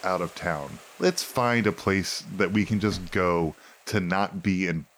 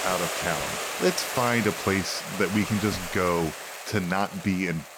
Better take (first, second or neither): first